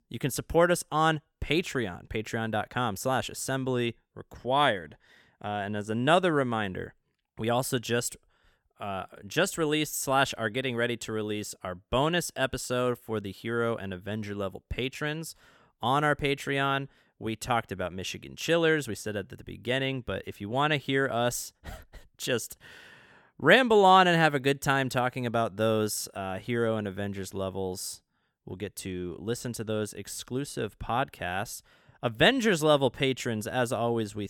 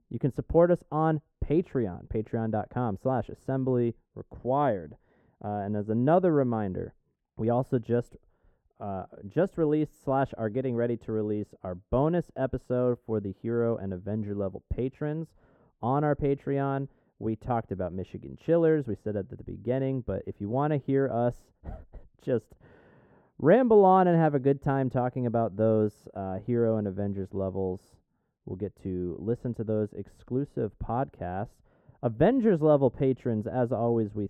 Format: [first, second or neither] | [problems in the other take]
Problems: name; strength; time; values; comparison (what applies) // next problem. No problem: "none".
first | muffled; very; fading above 1.5 kHz